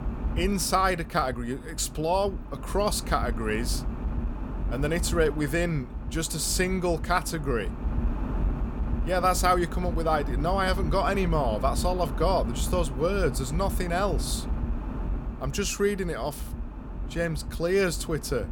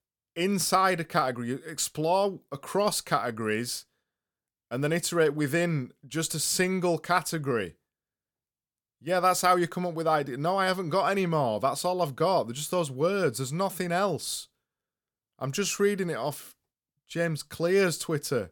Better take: second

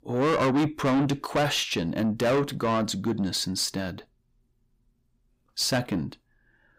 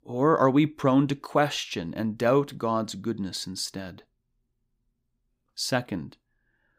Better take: second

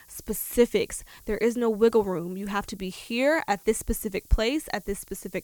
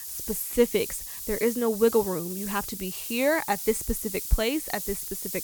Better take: first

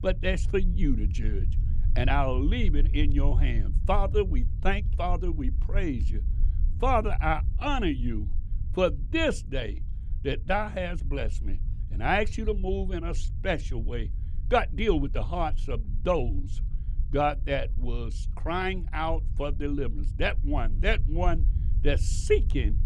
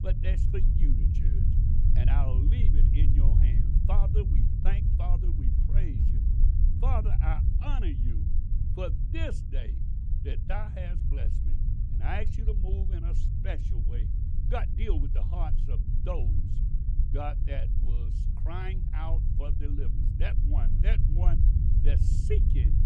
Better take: first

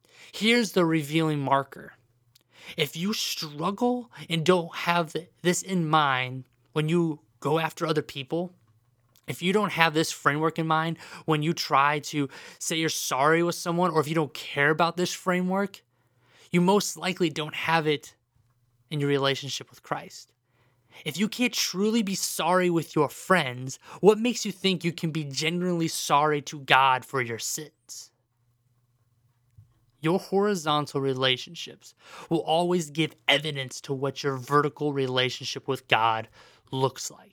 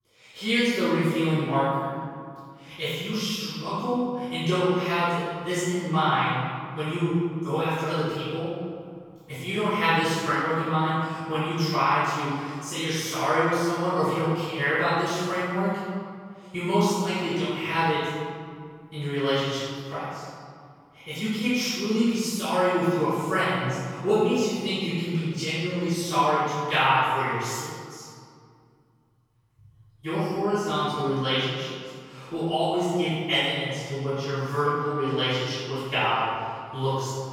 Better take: first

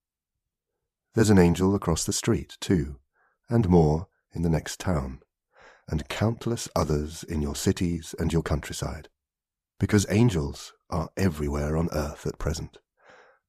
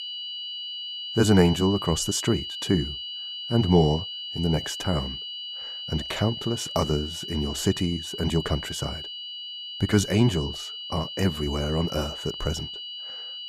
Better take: first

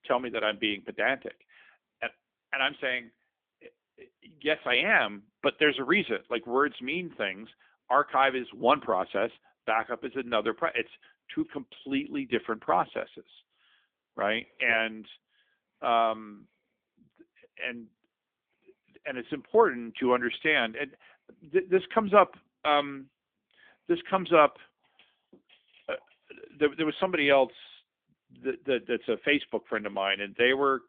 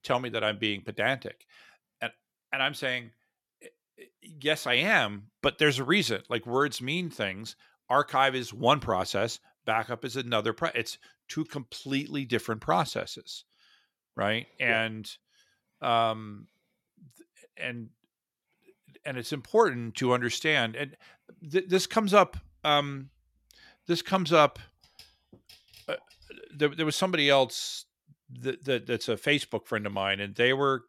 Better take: second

